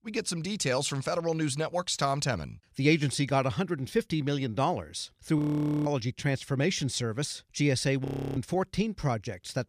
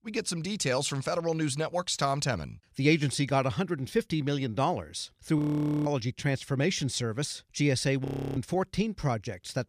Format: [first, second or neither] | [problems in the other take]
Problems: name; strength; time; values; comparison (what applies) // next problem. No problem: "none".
neither | audio freezing; at 5.5 s and at 8 s; the same in both